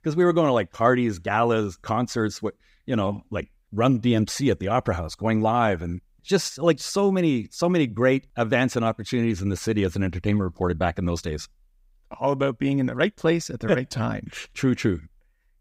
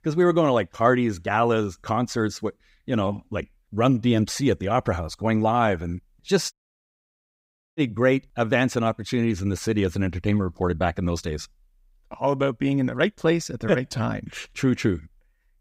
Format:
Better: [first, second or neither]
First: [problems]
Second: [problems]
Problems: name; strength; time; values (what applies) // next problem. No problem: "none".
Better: first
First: none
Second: audio cutting out; at 6.5 s for 1.5 s